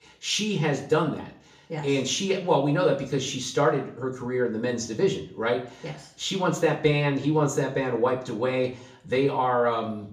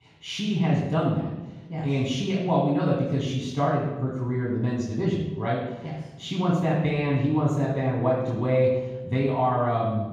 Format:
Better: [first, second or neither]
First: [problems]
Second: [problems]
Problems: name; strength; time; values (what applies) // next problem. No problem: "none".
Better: first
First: room echo; slight; dies away in 0.4 s // off-mic speech; far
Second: room echo; strong; dies away in 1.3 s // off-mic speech; far